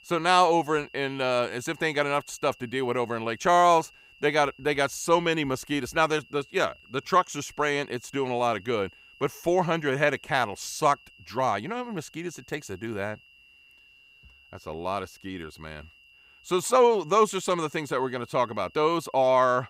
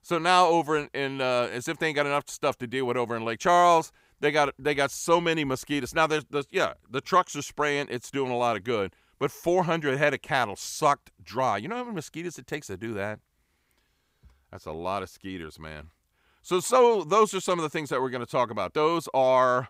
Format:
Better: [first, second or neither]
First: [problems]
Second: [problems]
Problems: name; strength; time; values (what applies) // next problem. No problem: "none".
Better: second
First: high-pitched whine; faint; throughout; 2.5 kHz, 25 dB below the speech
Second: none